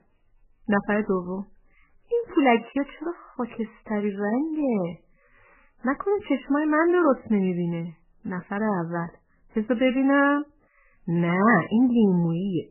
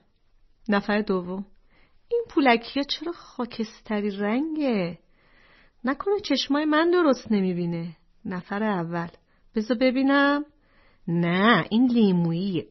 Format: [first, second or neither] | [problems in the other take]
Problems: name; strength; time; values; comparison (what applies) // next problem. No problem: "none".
second | garbled, watery; badly; nothing above 3 kHz; slightly in the second